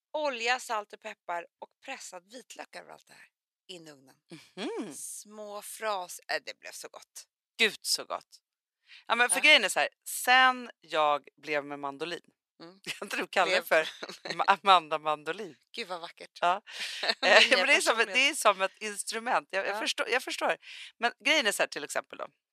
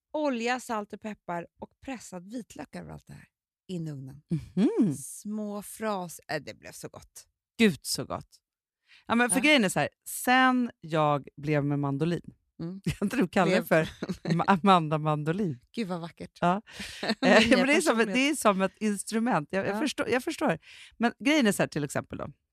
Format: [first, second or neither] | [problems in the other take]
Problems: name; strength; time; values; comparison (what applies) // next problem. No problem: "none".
second | thin; very; fading below 650 Hz